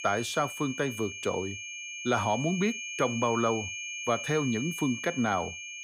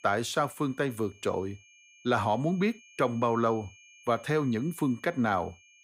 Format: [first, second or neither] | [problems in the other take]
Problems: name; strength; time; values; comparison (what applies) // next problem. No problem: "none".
second | high-pitched whine; loud; throughout; 2.5 kHz, 6 dB below the speech; faint in the second